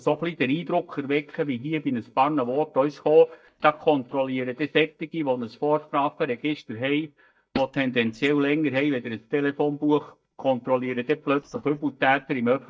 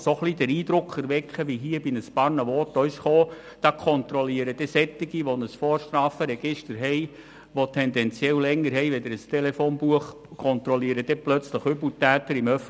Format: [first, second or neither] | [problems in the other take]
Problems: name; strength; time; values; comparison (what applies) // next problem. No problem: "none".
second | noise reduction (neural mask model DeepFilterNet 3)